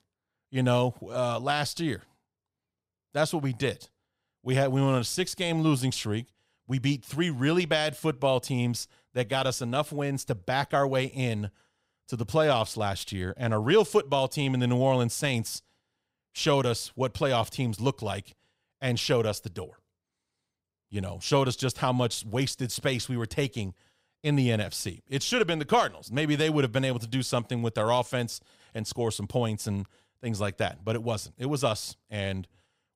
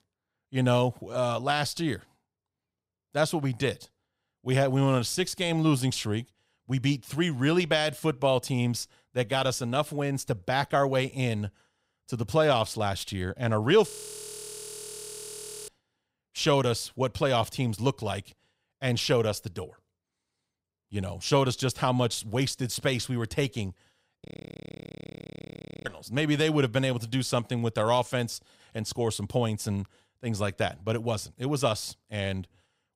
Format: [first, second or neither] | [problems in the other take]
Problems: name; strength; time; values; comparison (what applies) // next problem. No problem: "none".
first | audio freezing; at 14 s for 2 s and at 24 s for 1.5 s